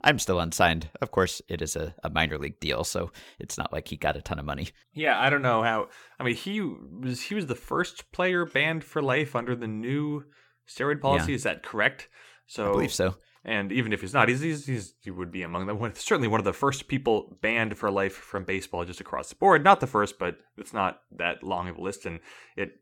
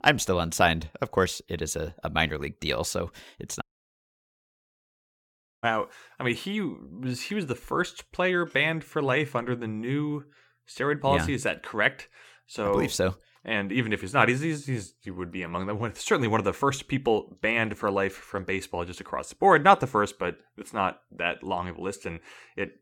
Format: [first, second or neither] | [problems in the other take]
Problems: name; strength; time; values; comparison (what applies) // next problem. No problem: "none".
first | audio cutting out; at 3.5 s for 2 s